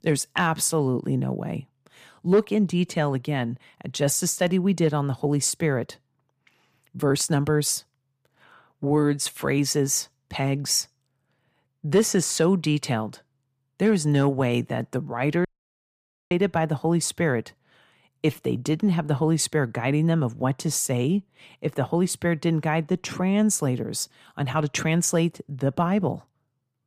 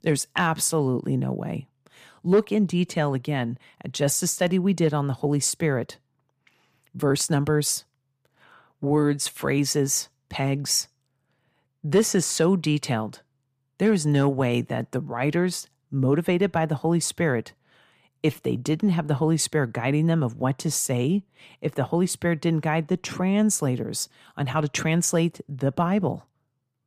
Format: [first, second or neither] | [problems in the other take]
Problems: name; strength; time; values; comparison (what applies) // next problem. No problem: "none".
second | audio cutting out; at 15 s for 1 s